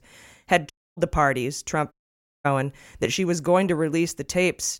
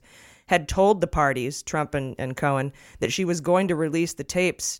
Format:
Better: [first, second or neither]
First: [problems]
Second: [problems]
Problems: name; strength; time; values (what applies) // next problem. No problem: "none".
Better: second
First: audio cutting out; at 0.5 s and at 2 s for 0.5 s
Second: none